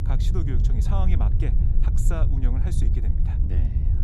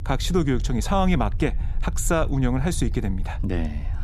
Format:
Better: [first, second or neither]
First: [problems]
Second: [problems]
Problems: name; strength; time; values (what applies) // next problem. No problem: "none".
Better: second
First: low rumble; loud; throughout; 2 dB below the speech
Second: low rumble; faint; throughout; 20 dB below the speech